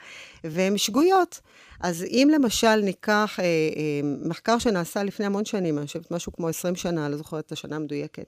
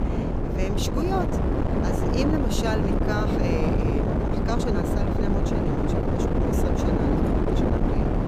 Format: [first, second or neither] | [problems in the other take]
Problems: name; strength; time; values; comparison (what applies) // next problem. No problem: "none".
first | wind noise on the microphone; heavy; 4 dB above the speech